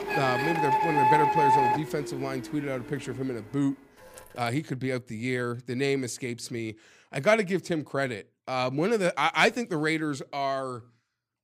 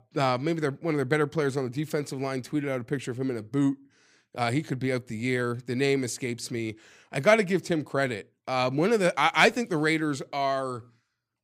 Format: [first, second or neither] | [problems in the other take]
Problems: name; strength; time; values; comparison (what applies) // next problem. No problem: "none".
second | household noises; very loud; until 4 s; 4 dB above the speech